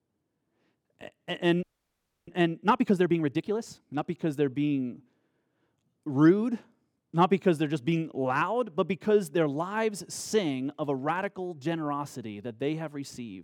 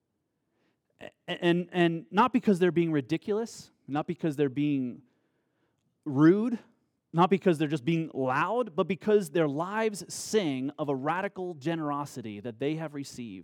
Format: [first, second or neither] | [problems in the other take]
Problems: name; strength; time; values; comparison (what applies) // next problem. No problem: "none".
second | audio freezing; at 1.5 s for 0.5 s